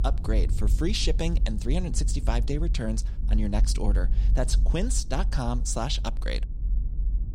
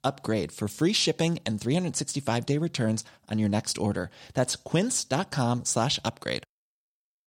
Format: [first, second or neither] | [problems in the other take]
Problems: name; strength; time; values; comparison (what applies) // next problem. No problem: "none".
second | low rumble; noticeable; throughout; 15 dB below the speech